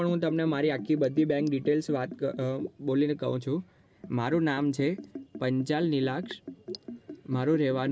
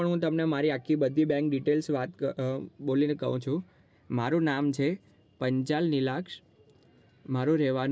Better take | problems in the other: second | background sound (Liquid); 15 dB below the speech

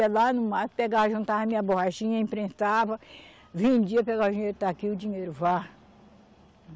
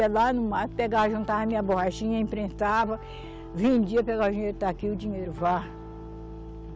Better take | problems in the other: first | background sound (Piano); 12 dB below the speech

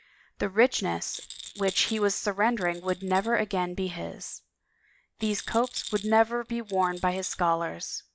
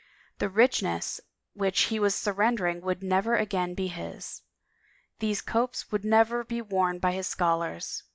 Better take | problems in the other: second | background sound (Rattle); 16 dB below the speech

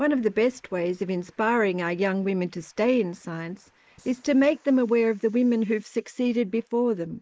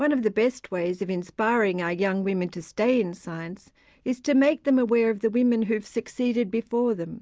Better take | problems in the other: second | noise reduction (neural mask model Resemble Enhance denoiser)

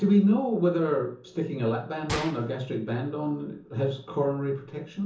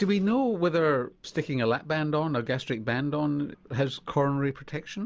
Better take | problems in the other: second | background sound (Gunshot, gunfire); 14 dB below the speech // room echo; dies away in 0.6 s

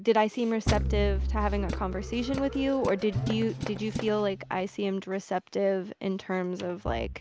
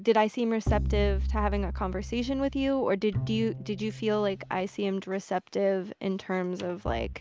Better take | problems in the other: second | background sound (Tools); 10 dB below the speech

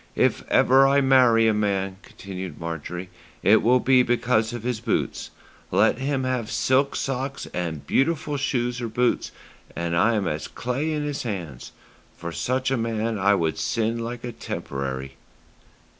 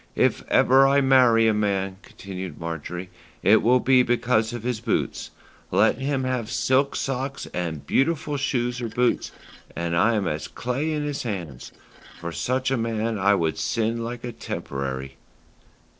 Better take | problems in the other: first | noise reduction (neural separator model SepFormer DNS4)

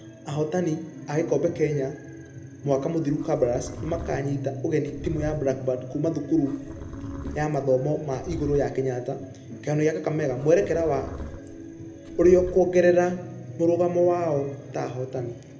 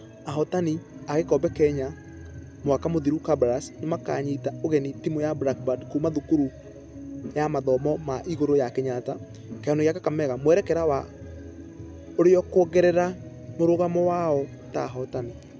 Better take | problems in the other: second | background sound (Livestock, farm animals, working animals); 15 dB below the speech // room echo; dies away in 0.7 s

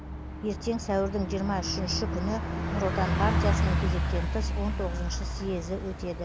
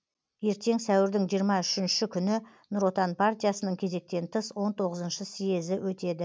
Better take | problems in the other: second | background sound (Bus); 2 dB above the speech

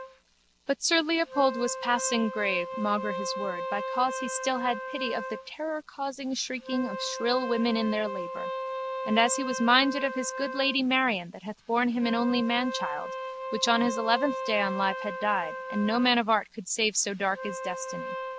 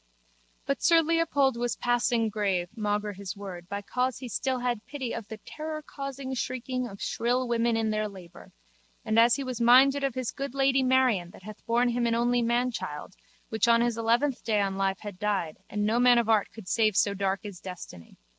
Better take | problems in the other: second | background sound (Wind instrument, woodwind instrument); 7 dB below the speech

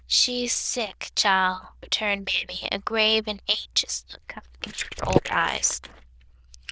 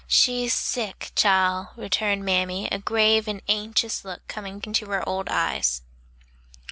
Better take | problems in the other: second | noise reduction (neural diffusion model UNIVERSE++)

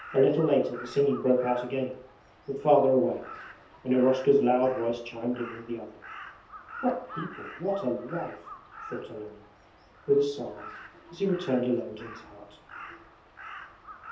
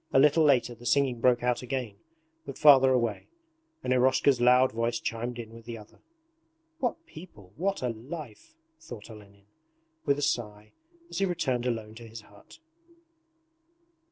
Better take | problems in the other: second | background sound (Crow); 17 dB below the speech // room echo; dies away in 0.5 s

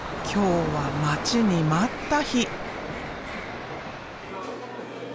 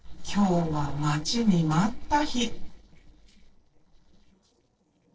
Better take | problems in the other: first | noise reduction (neural separator model SepFormer DNS4)

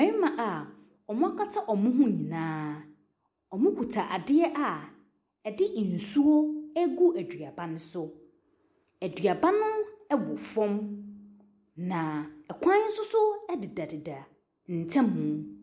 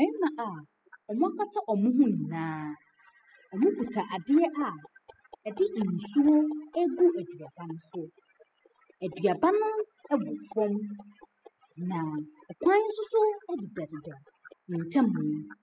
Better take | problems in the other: first | noise reduction (classical method spectral subtraction)

